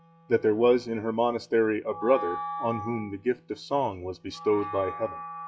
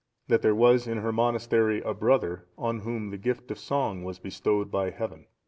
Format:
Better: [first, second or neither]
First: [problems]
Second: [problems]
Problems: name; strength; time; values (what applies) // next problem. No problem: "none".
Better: second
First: noise reduction (classical method log-MMSE)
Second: none